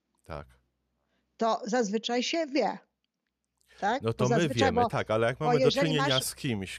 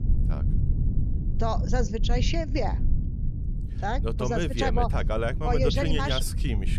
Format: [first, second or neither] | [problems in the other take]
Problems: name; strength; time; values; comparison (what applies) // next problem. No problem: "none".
first | low rumble; noticeable; throughout; 15 dB below the speech